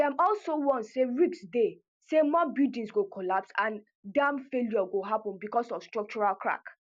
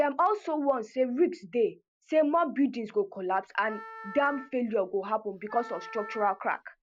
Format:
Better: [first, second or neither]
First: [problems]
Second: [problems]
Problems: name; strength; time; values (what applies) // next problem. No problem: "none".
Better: first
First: none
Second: background sound (Wind instrument, woodwind instrument); 16 dB below the speech